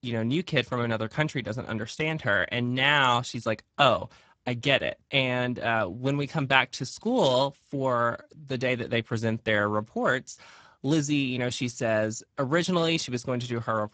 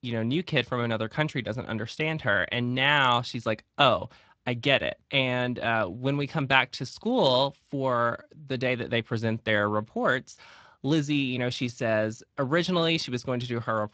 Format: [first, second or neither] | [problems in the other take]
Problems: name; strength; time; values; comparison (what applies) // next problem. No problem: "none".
second | garbled, watery; badly; nothing above 7.5 kHz; slightly in the second